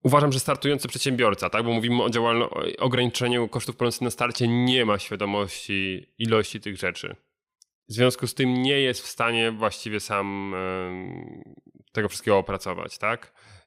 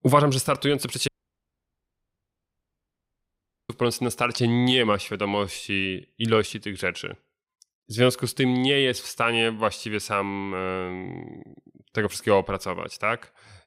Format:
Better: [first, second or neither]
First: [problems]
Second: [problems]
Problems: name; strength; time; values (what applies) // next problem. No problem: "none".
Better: first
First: none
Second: audio cutting out; at 1 s for 2.5 s